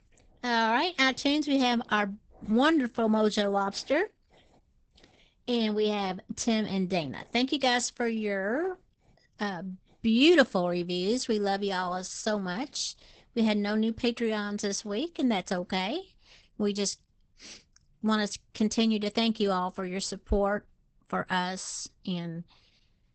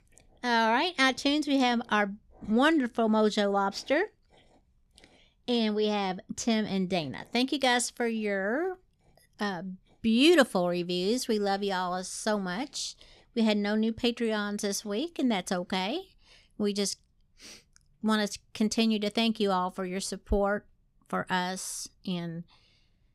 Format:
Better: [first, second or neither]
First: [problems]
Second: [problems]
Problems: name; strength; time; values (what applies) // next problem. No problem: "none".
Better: second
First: garbled, watery; badly; nothing above 8 kHz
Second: none